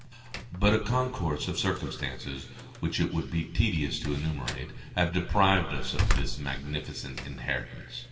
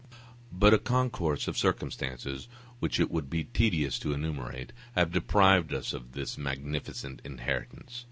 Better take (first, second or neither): second